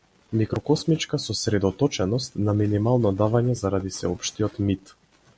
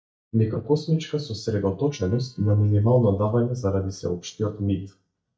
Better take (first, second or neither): first